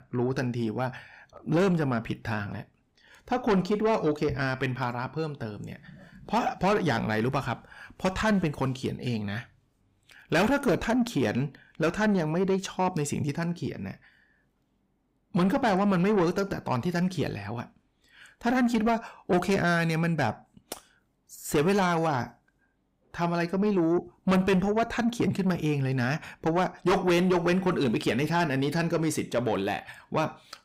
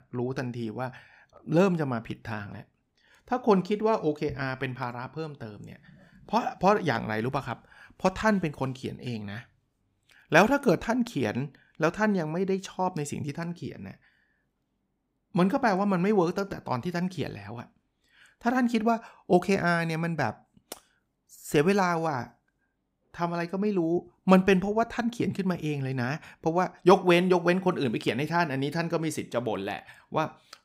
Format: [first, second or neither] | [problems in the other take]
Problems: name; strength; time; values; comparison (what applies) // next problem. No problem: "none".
second | distortion; heavy; 7 dB below the speech